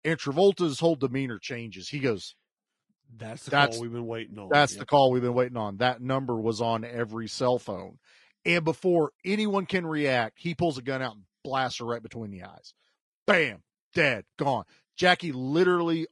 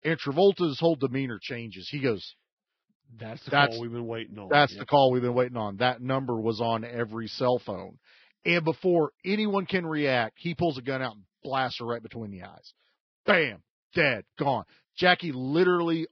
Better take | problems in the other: first | garbled, watery; badly; nothing above 5 kHz; slightly in the first

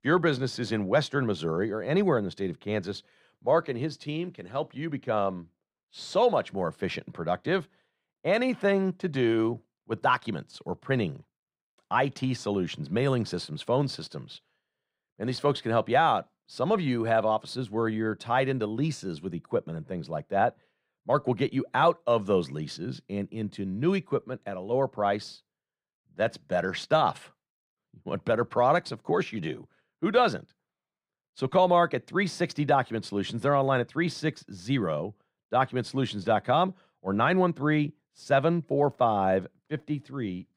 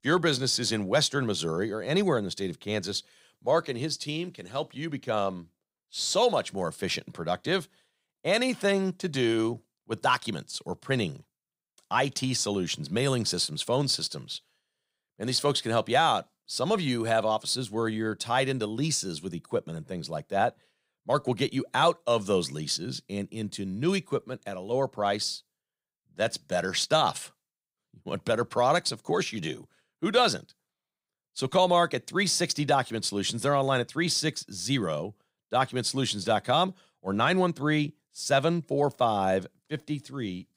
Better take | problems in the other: second | muffled; slightly; fading above 3.5 kHz

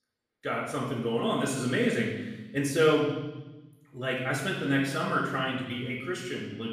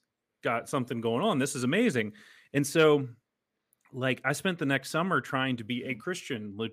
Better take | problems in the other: second | off-mic speech; far // room echo; noticeable; dies away in 1.1 s

